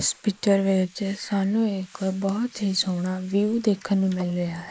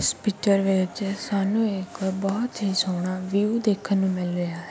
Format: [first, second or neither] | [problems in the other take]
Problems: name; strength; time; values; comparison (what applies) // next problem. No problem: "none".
second | noise reduction (neural mask model Resemble Enhance denoiser)